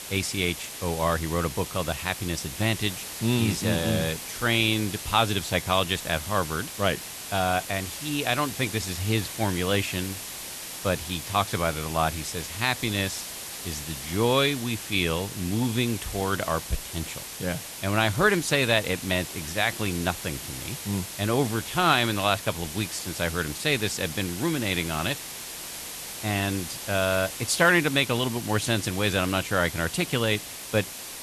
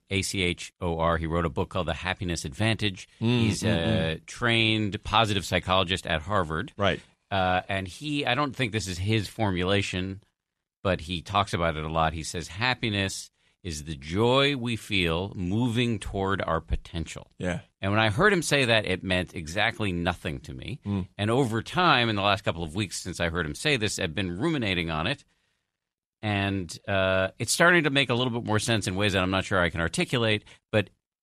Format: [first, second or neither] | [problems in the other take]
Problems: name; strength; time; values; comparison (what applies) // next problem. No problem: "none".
second | hiss; loud; throughout; 8 dB below the speech